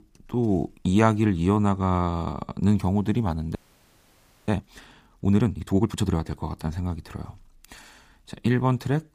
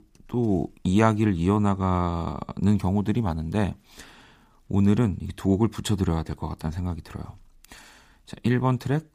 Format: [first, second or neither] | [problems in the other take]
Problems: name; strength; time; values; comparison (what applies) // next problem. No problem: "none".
second | audio freezing; at 3.5 s for 1 s